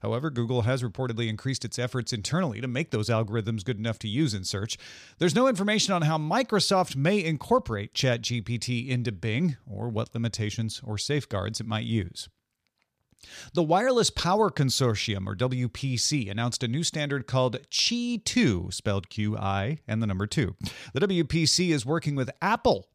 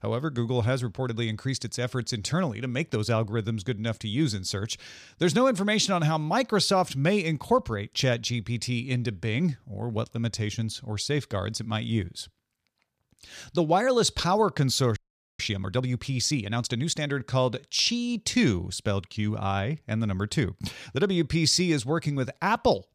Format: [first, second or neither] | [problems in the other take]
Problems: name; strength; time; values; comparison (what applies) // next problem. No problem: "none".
first | audio freezing; at 15 s